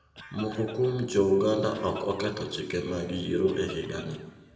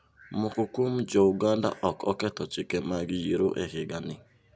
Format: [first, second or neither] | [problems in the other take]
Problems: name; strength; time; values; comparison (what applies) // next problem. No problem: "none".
second | background sound (Cough); 18 dB below the speech // room echo; dies away in 1.1 s